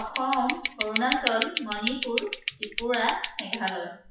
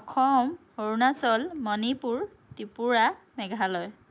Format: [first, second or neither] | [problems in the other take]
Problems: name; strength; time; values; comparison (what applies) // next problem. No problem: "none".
second | noise reduction (classical method WPE with log-MMSE)